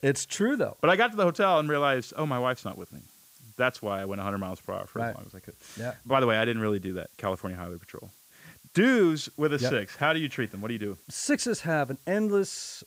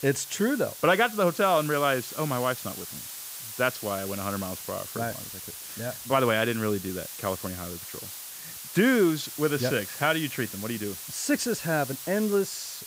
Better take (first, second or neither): first